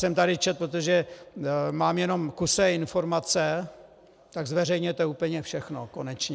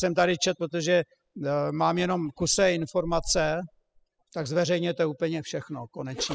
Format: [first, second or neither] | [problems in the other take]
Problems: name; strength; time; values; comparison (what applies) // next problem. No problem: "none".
first | noise reduction (classical method spectral subtraction)